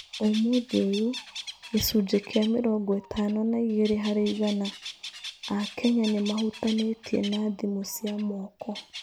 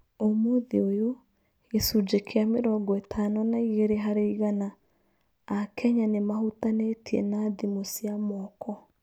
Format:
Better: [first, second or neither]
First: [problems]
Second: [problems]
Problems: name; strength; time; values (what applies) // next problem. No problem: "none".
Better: second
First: background sound (Bird); 14 dB below the speech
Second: none